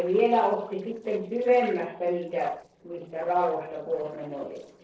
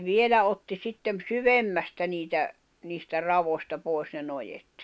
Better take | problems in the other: second | noise reduction (neural separator model SepFormer DNS4)

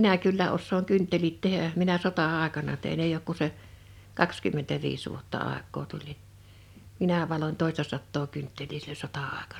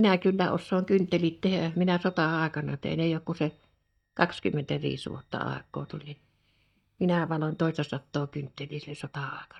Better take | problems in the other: first | noise reduction (neural mask model DeepFilterNet 3)

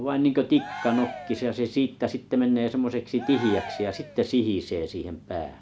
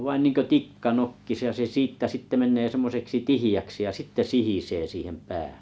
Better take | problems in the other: second | background sound (Cheering); 15 dB below the speech

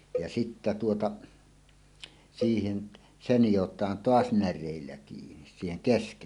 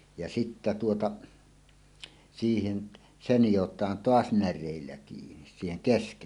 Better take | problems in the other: second | background sound (Cowbell); 12 dB below the speech

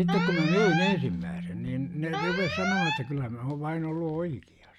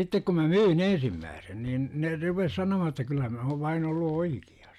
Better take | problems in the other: second | background sound (Alarm + Keyboard (musical)); 2 dB below the speech

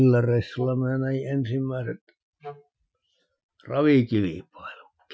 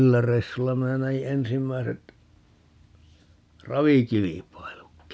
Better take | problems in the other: second | noise reduction (classical method Wiener filter)

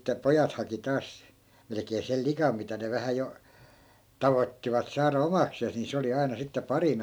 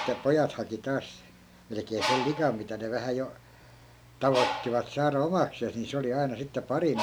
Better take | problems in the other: first | background sound (Bird); 8 dB below the speech

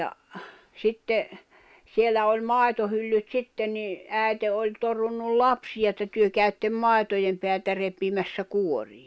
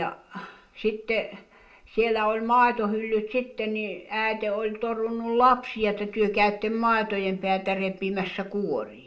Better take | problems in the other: first | room echo; dies away in 0.3 s

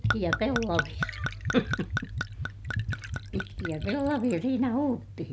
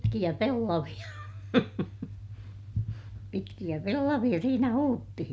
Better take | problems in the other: second | background sound (Gurgling / Chink, clink / Liquid); 3 dB below the speech

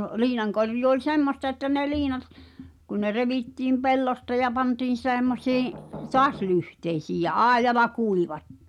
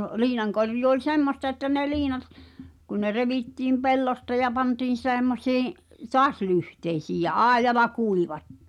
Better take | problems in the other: second | background sound (Knock); 15 dB below the speech

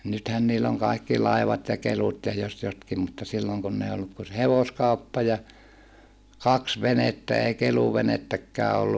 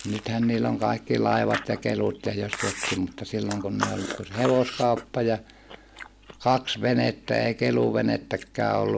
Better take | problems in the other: first | background sound (Chewing, mastication); 13 dB below the speech

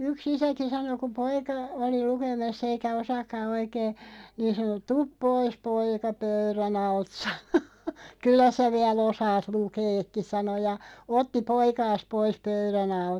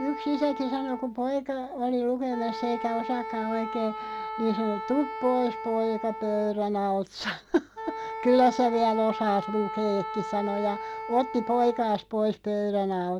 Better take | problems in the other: first | background sound (Wind instrument, woodwind instrument); 10 dB below the speech

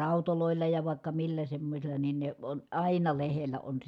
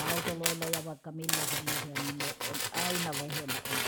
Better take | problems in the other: first | background sound (Tools); 4 dB above the speech

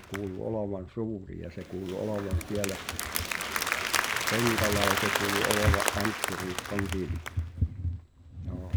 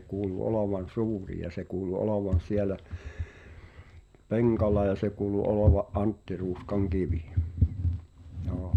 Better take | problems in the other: second | background sound (Applause); 1 dB below the speech

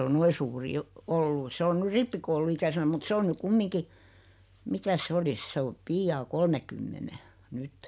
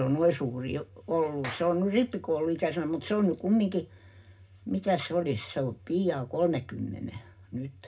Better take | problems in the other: first | background sound (Clapping); 18 dB below the speech // room echo; dies away in 0.2 s

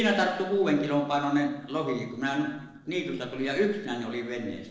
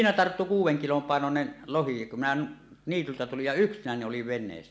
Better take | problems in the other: second | noise reduction (neural separator model SepFormer DNS4)

